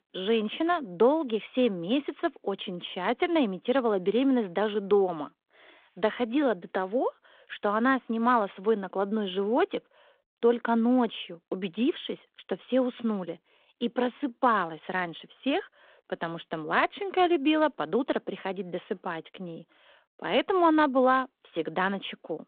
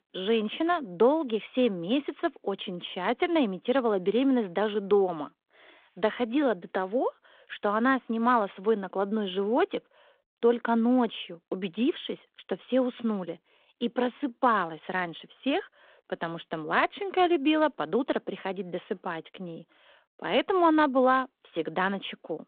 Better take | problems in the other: neither | phone-call audio; the same in both

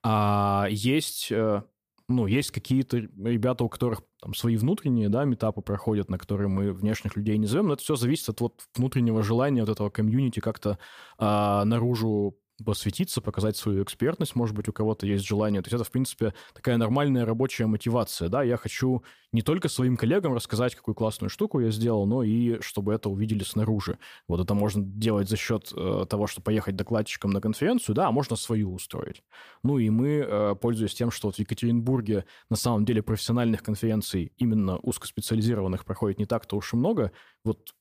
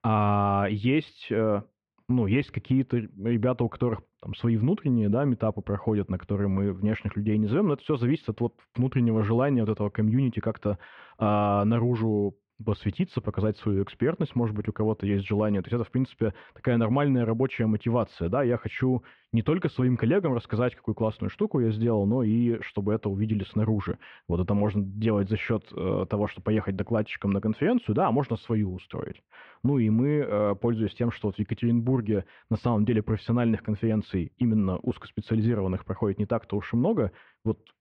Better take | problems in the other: first | muffled; very; fading above 2.5 kHz

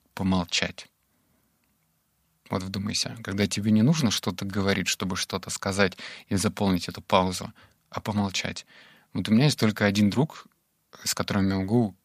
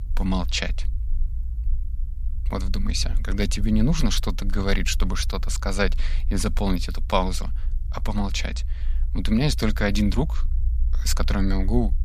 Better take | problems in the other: first | low rumble; faint; throughout; 20 dB below the speech

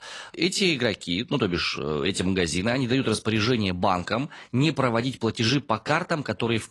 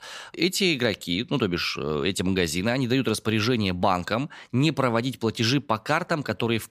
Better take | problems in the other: second | garbled, watery; slightly; nothing above 10.5 kHz

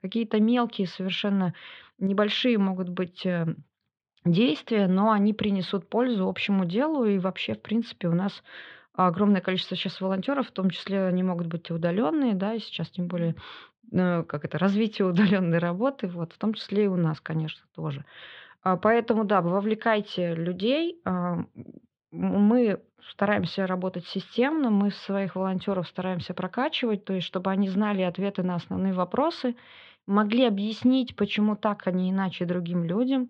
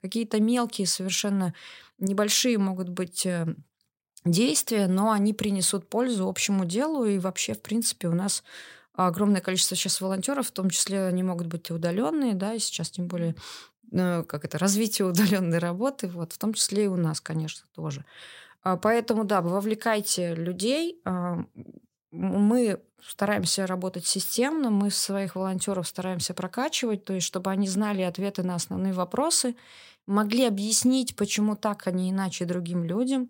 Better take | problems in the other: second | muffled; very; fading above 3.5 kHz

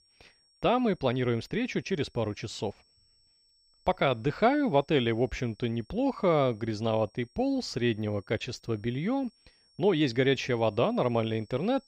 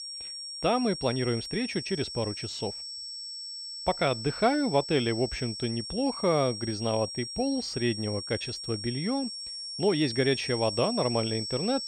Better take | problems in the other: first | high-pitched whine; loud; throughout; 5.5 kHz, 6 dB below the speech; faint in the first

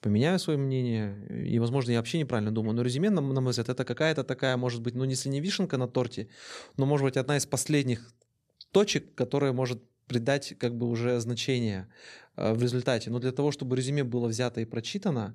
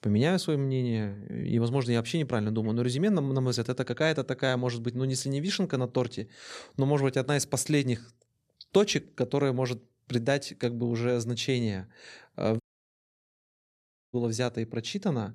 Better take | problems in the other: first | audio cutting out; at 13 s for 1.5 s

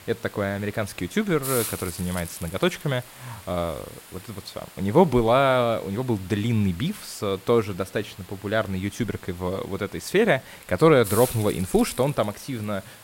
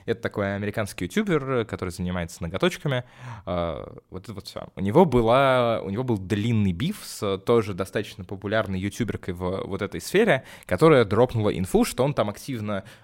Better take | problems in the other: second | hiss; noticeable; throughout; 15 dB below the speech

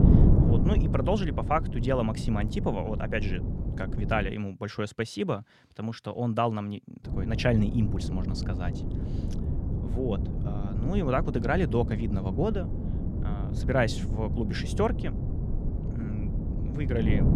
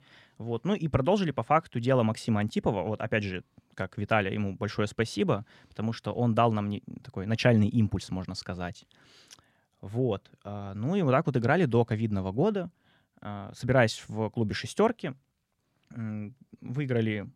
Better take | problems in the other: second | wind noise on the microphone; heavy; until 4.5 s and from 7 s on; 8 dB below the speech

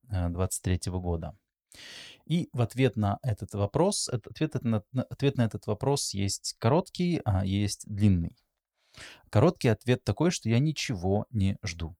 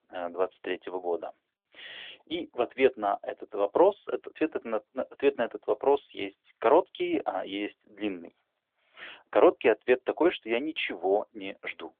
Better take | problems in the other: first | phone-call audio; nothing above 3.5 kHz

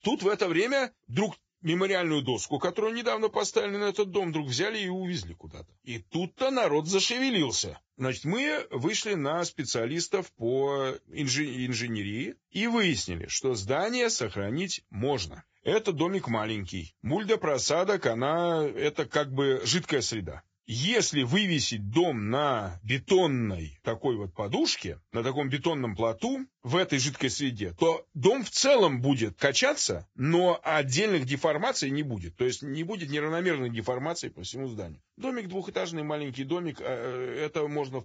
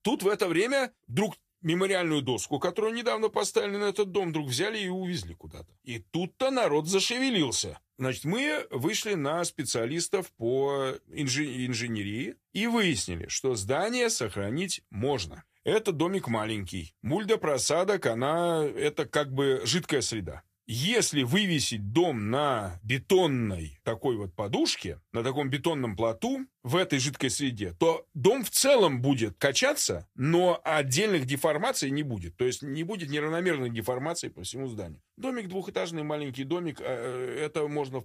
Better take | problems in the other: second | garbled, watery; badly; nothing above 7.5 kHz; slightly in the second

